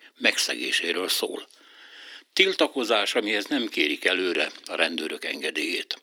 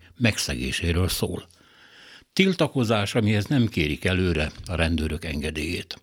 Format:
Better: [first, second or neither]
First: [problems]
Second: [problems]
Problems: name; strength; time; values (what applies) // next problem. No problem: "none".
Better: second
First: thin; somewhat; fading below 300 Hz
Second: none